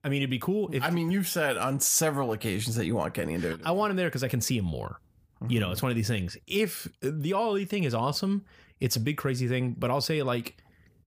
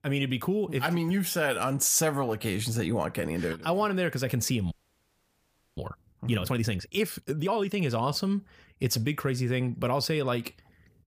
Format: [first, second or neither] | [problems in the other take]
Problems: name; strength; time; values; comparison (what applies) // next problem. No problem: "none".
first | audio freezing; at 4.5 s for 1 s